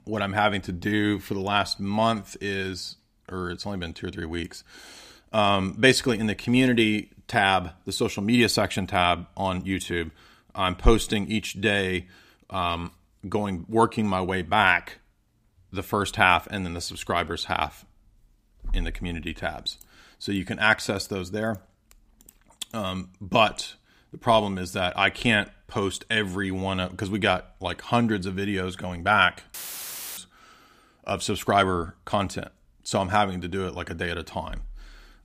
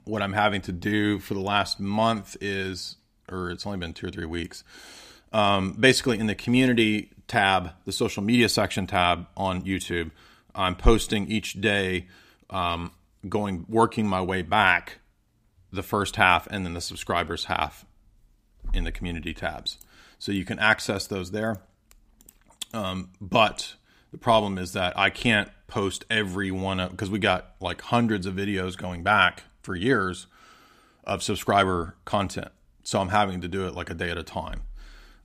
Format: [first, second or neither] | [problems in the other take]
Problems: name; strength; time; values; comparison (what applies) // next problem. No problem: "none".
second | audio cutting out; filled with static; at 30 s for 0.5 s